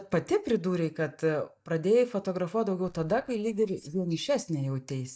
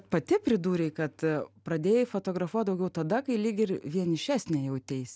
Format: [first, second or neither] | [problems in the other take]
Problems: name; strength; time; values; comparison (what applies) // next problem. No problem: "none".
second | noise reduction (neural mask model DeepFilterNet 3)